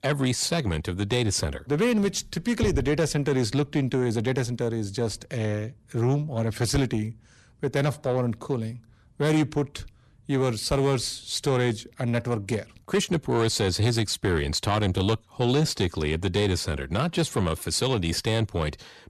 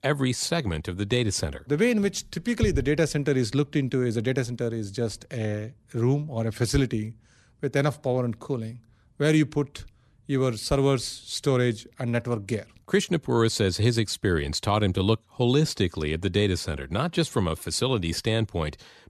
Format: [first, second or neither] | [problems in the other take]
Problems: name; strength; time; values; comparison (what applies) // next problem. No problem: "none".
second | distortion; slight; 10 dB below the speech